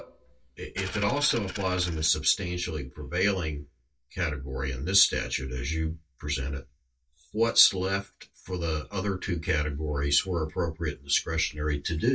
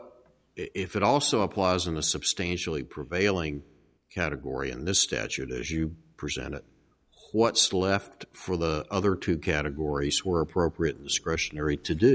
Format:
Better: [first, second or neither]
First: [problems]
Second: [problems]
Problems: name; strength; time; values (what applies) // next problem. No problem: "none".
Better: second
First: noise reduction (neural mask model DeepFilterNet 3)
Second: none